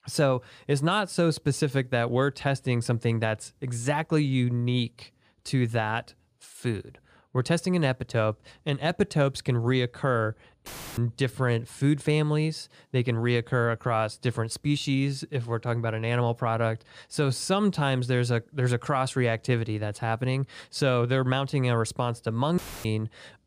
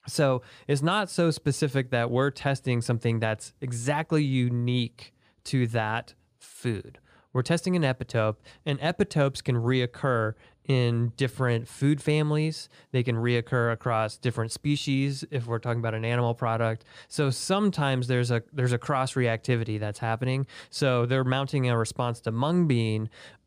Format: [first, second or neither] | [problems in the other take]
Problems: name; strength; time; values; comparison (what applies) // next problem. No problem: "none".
second | audio cutting out; filled with static; at 11 s and at 23 s